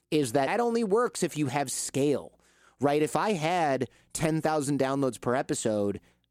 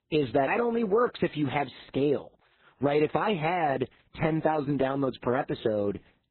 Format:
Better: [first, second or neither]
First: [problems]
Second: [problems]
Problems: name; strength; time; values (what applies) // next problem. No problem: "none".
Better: first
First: none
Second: garbled, watery; badly; nothing above 4 kHz